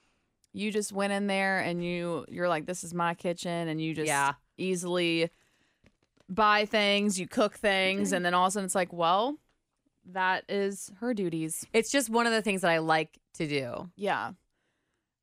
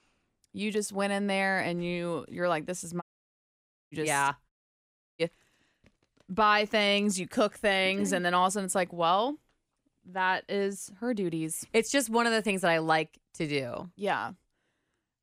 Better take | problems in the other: first | audio cutting out; at 3 s for 1 s and at 4.5 s for 0.5 s

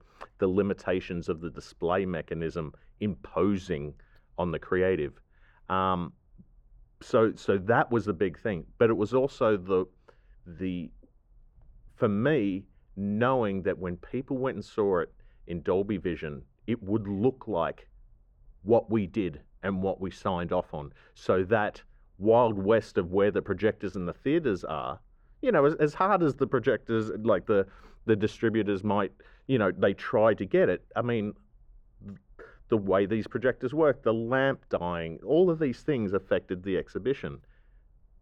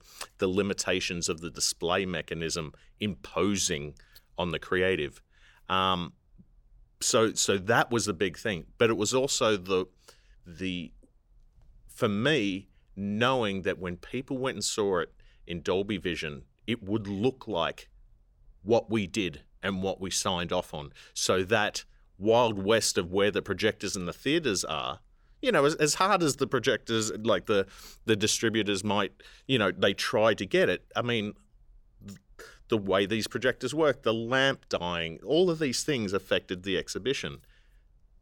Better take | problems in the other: second | muffled; very; fading above 3.5 kHz

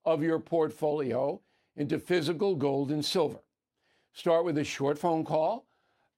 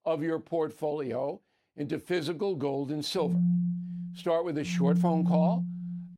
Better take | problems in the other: first | phone ringing; loud; from 3 s on; peak 5 dB above the speech

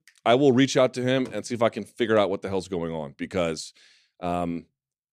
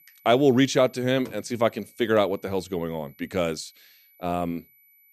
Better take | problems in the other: first | high-pitched whine; faint; throughout; 12 kHz, 30 dB below the speech

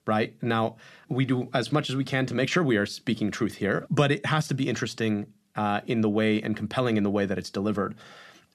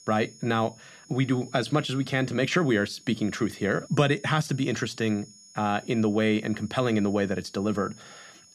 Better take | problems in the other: first | high-pitched whine; faint; throughout; 6.5 kHz, 25 dB below the speech

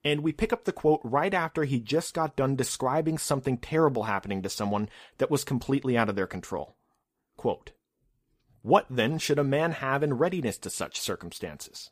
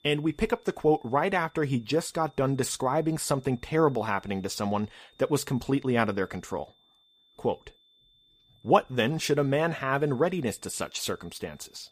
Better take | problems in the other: first | high-pitched whine; faint; throughout; 3.5 kHz, 35 dB below the speech

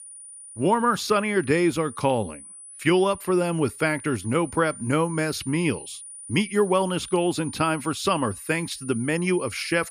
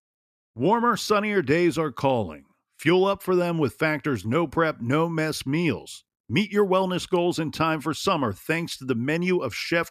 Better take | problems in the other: second | high-pitched whine; noticeable; throughout; 9.5 kHz, 15 dB below the speech

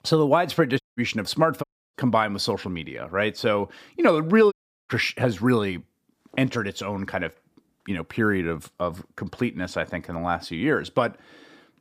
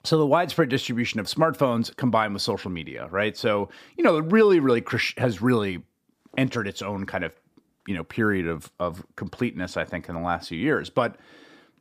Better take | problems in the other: second | audio cutting out; at 1 s, at 1.5 s and at 4.5 s

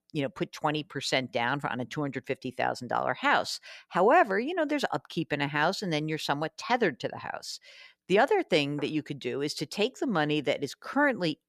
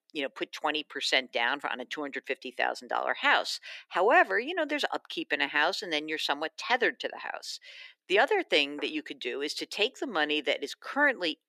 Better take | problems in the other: first | thin; somewhat; fading below 300 Hz

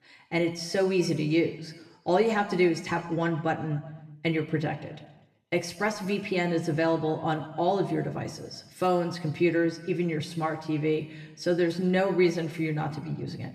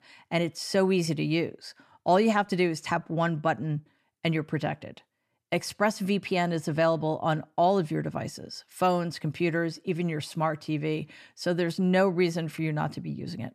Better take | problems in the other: second | room echo; slight; dies away in 1 s // off-mic speech; somewhat distant

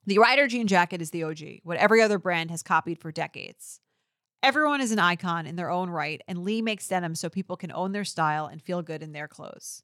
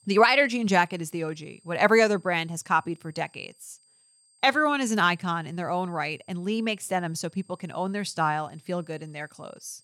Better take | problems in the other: first | high-pitched whine; faint; throughout; 8.5 kHz, 35 dB below the speech

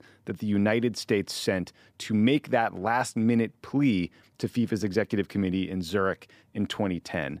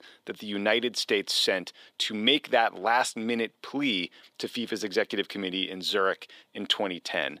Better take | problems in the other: first | thin; somewhat; fading below 400 Hz

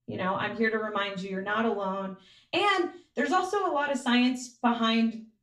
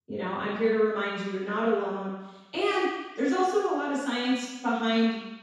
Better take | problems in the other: first | room echo; strong; dies away in 1.1 s; slight in the first // off-mic speech; far; far in the first

